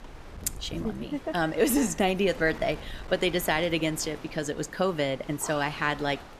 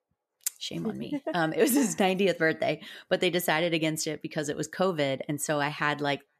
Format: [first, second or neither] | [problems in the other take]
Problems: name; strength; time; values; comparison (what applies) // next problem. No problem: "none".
second | wind noise on the microphone; occasional gusts; 15 dB below the speech